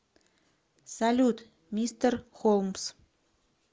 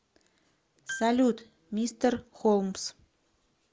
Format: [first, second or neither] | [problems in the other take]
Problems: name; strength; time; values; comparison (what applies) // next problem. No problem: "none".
first | background sound (Piano); 16 dB below the speech